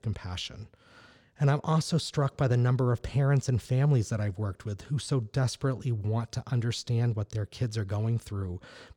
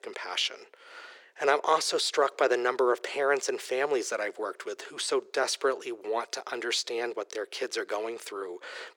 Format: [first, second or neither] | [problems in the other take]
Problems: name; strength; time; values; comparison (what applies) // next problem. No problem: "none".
first | thin; very; fading below 350 Hz